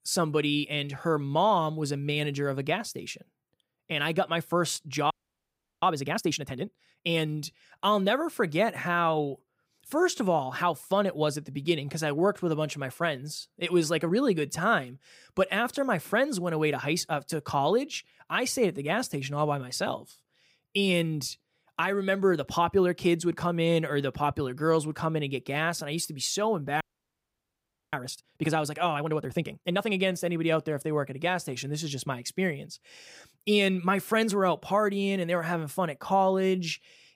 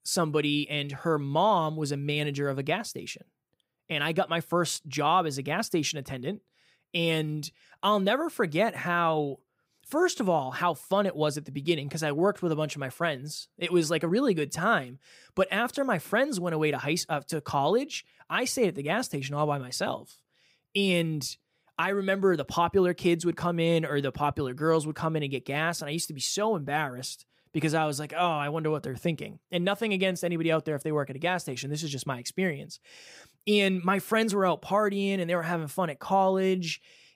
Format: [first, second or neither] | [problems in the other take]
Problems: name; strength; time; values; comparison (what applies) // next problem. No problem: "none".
second | audio freezing; at 5 s for 0.5 s and at 27 s for 1 s